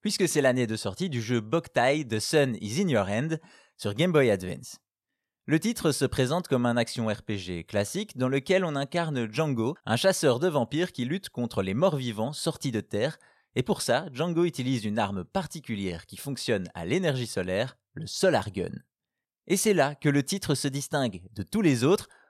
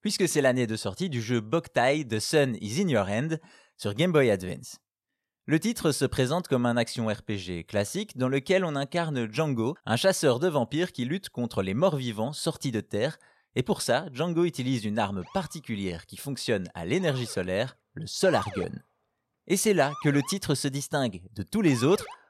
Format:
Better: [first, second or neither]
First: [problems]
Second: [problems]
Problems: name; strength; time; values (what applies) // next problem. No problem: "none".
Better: first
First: none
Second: siren; noticeable; from 15 s on; peak 10 dB below the speech